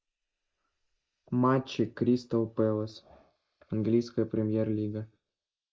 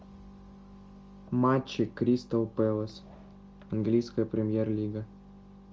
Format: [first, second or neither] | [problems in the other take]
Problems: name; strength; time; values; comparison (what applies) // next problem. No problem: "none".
second | noise reduction (neural mask model Resemble Enhance denoiser)